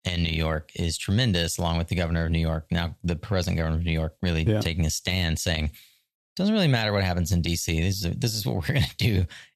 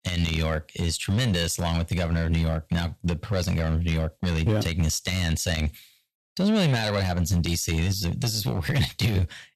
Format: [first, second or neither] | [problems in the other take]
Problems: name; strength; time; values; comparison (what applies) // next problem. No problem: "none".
first | distortion; slight; 7% of the sound clipped